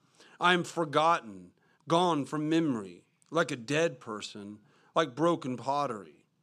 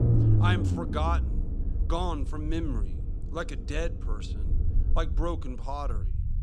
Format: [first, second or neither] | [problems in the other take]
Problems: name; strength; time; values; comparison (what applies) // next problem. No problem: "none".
first | low rumble; loud; throughout; 8 dB below the speech